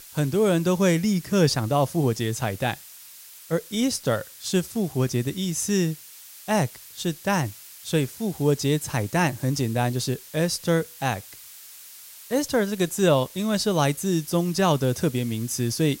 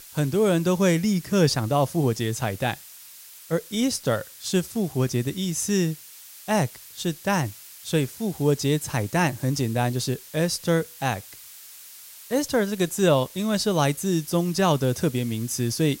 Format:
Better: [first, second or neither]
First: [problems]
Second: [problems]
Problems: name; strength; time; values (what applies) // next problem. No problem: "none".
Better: neither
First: hiss; noticeable; throughout; 15 dB below the speech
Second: hiss; noticeable; throughout; 15 dB below the speech